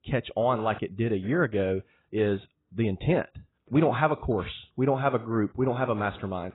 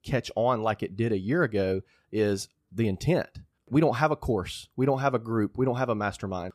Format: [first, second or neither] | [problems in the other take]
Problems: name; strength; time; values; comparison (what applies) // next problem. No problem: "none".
second | garbled, watery; badly; nothing above 4 kHz